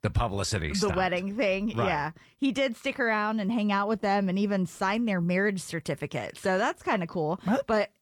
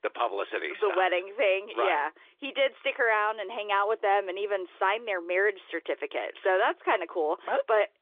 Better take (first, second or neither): first